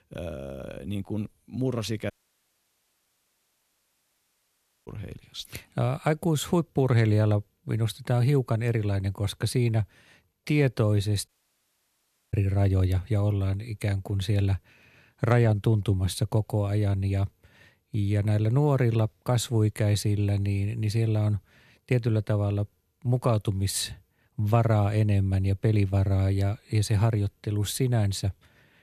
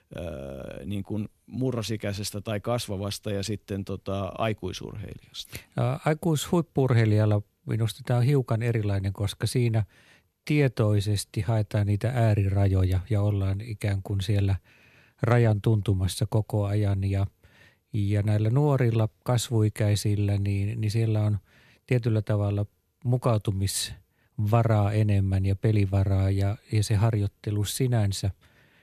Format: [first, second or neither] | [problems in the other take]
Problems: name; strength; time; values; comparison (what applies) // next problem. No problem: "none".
second | audio cutting out; at 2 s for 3 s and at 11 s for 1 s